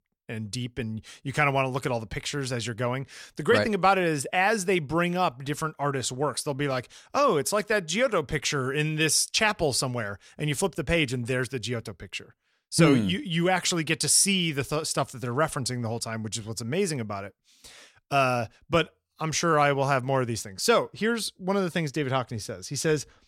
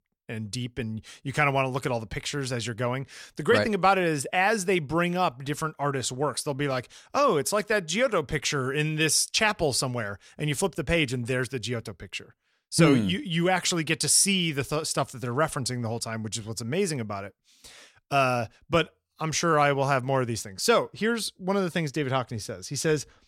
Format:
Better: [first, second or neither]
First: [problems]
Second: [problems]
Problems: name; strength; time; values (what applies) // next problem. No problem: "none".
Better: neither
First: none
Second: none